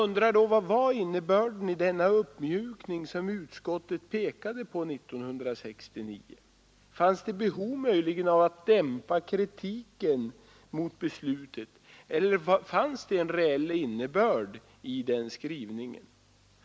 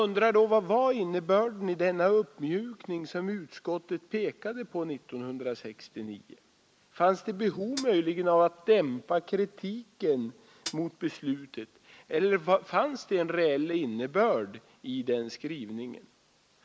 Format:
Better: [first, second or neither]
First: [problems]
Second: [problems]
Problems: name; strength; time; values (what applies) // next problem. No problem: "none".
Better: first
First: none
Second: noise reduction (neural mask model Resemble Enhance denoiser)